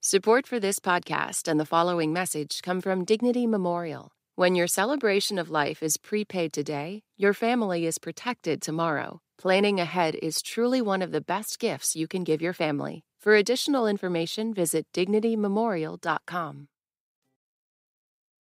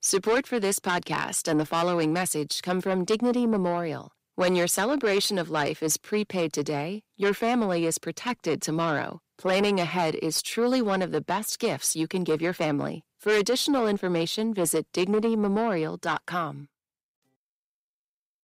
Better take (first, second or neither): first